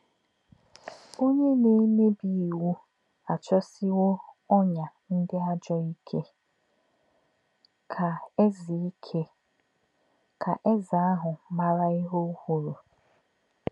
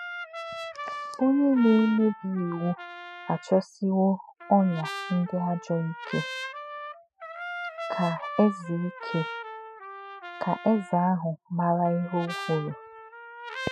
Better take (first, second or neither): first